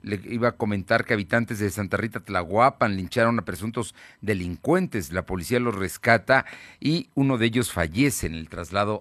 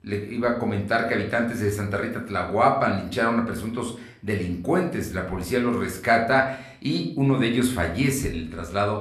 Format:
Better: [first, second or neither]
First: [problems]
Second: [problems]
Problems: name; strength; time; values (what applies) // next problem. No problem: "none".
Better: first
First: none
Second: room echo; slight; dies away in 0.4 s // off-mic speech; somewhat distant